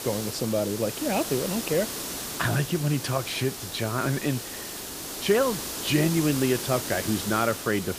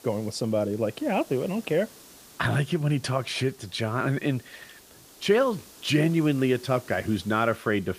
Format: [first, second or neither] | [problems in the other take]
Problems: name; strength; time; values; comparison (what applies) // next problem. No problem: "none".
second | hiss; loud; throughout; 6 dB below the speech; faint in the second